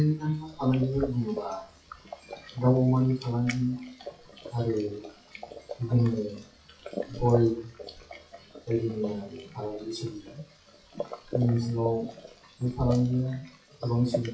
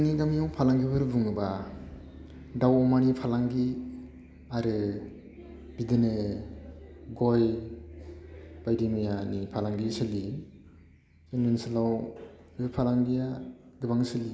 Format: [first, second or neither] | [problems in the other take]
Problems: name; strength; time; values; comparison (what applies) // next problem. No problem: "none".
second | noise reduction (classical method WPE with log-MMSE)